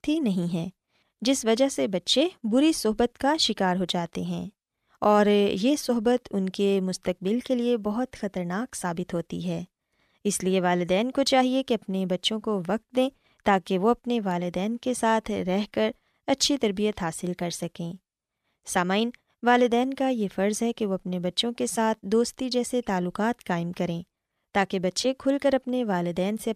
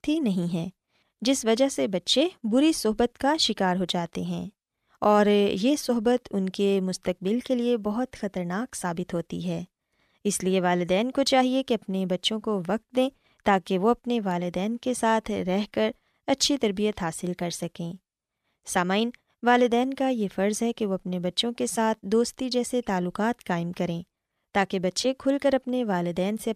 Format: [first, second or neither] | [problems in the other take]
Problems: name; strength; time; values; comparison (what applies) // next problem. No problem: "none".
neither | none